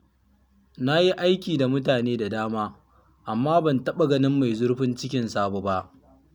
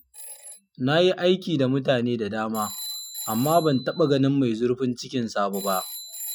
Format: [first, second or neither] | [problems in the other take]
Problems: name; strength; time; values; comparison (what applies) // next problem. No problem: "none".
first | noise reduction (classical method Wiener filter)